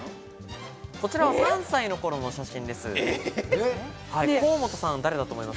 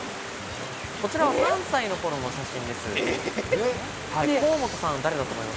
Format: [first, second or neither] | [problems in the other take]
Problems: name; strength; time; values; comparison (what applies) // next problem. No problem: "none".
first | background sound (Stream); 8 dB below the speech